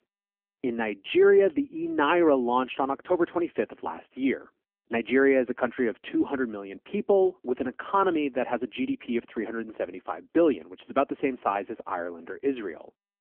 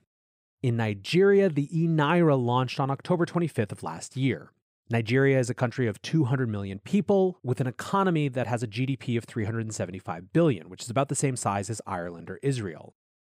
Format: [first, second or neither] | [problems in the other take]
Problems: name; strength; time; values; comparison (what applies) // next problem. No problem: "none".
second | phone-call audio; poor line; nothing above 3 kHz